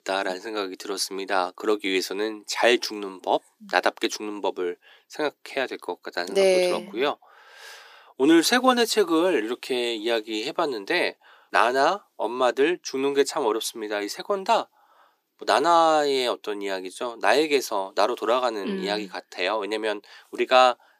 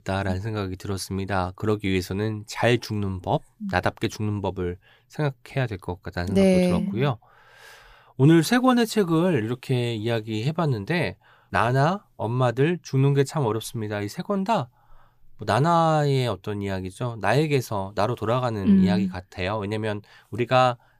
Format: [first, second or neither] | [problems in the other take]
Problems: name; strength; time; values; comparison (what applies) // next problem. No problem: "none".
second | thin; somewhat; fading below 300 Hz